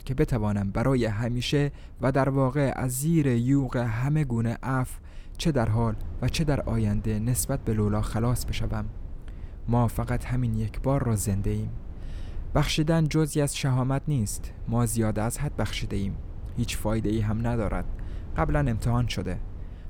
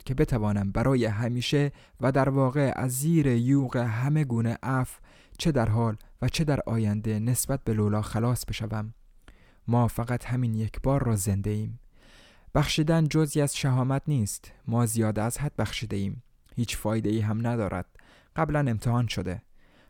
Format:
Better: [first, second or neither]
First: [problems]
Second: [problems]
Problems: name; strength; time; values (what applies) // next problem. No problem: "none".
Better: second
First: low rumble; faint; throughout; 20 dB below the speech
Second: none